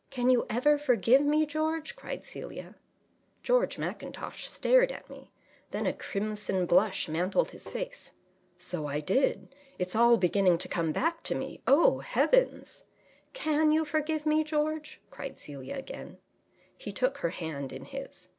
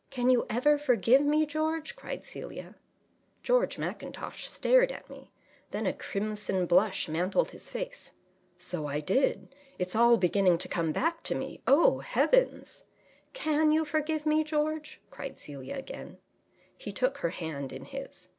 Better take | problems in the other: second | background sound (Tap); 17 dB below the speech

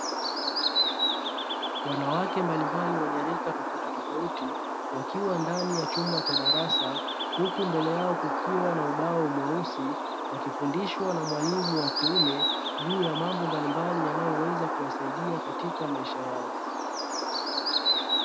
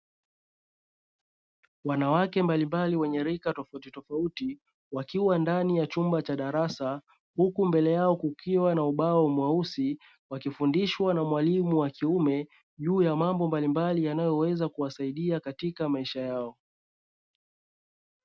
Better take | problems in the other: second | background sound (Bird); 2 dB above the speech

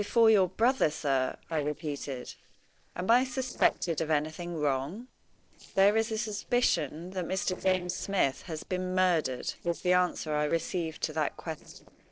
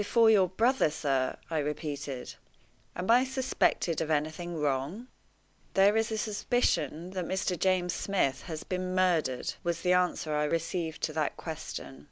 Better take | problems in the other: second | noise reduction (neural separator model SepFormer DNS4)

